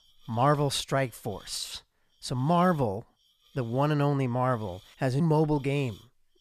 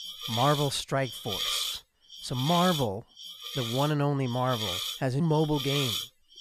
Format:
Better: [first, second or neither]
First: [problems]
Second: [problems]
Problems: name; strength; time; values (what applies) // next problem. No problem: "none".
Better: first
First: hiss; faint; throughout; 30 dB below the speech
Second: hiss; loud; throughout; 4 dB below the speech